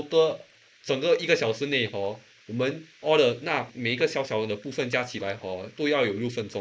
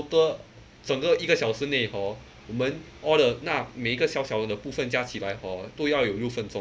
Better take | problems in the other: second | noise reduction (neural mask model Resemble Enhance denoiser)

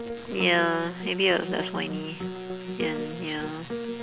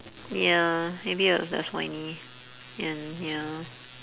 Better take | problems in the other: second | background sound (Piano); 6 dB below the speech

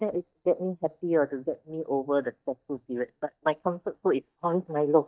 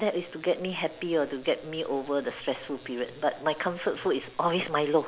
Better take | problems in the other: second | noise reduction (neural mask model DeepFilterNet 3)

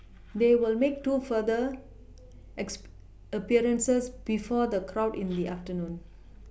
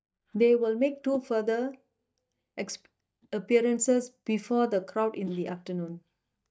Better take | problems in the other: first | noise reduction (neural mask model DeepFilterNet 3)

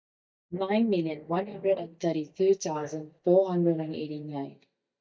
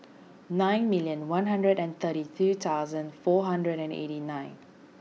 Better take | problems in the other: second | noise reduction (neural mask model DeepFilterNet 3)

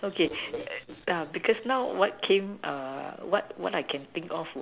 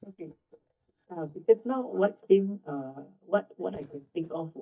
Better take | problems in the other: first | noise reduction (neural mask model DeepFilterNet 3)

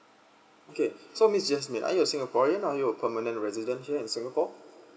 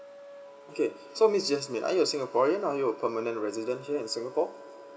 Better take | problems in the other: first | background sound (Wind instrument, woodwind instrument); 19 dB below the speech

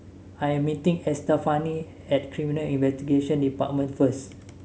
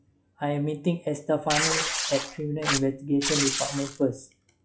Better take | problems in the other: first | noise reduction (classical method log-MMSE)

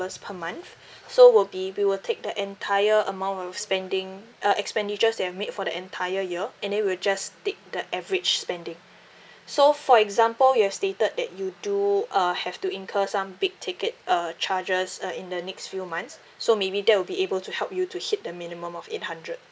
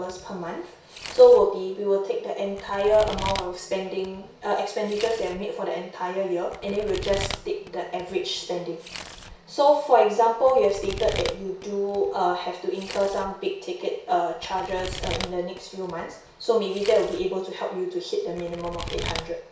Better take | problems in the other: first | background sound (Domestic sounds, home sounds); 14 dB below the speech // room echo; dies away in 0.6 s

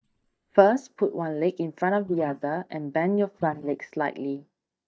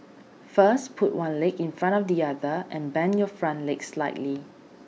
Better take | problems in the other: second | noise reduction (neural mask model DeepFilterNet 3)

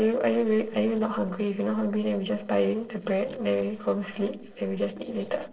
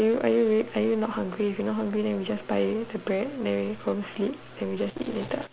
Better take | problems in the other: second | noise reduction (neural separator model SepFormer DNS4)

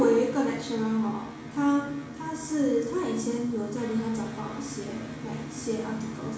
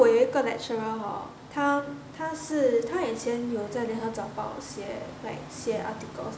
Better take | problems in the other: second | background sound (Electric guitar); 16 dB below the speech // room echo; dies away in 0.7 s

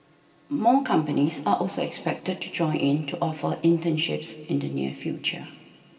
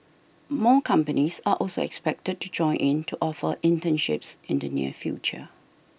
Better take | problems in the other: second | room echo; dies away in 2.5 s

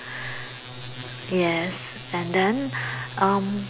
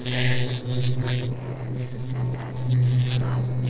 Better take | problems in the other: first | noise reduction (neural separator model SepFormer DNS4)

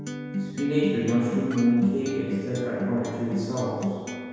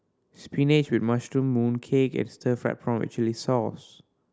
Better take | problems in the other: second | background sound (Acoustic guitar); 5 dB below the speech // room echo; dies away in 1.9 s

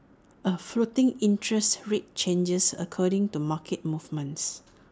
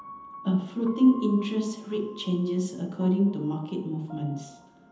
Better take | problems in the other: first | background sound (Piano); 20 dB below the speech // room echo; dies away in 0.9 s

